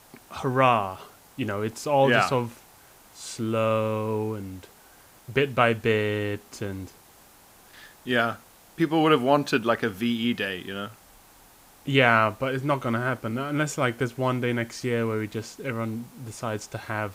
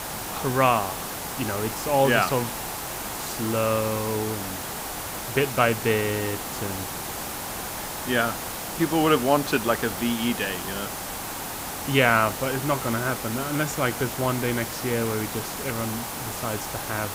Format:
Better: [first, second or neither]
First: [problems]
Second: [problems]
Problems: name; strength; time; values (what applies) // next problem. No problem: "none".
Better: first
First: hiss; faint; throughout; 25 dB below the speech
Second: hiss; loud; throughout; 5 dB below the speech